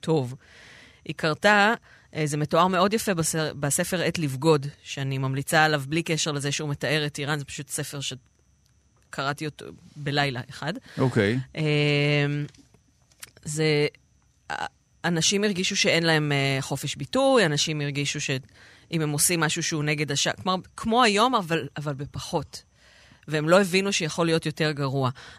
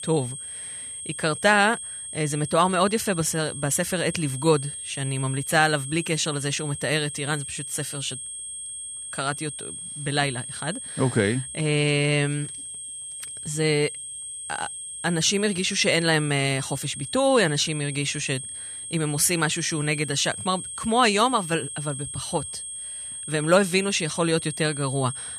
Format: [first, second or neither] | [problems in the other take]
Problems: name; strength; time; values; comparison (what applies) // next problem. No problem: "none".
first | high-pitched whine; loud; throughout; 8.5 kHz, 8 dB below the speech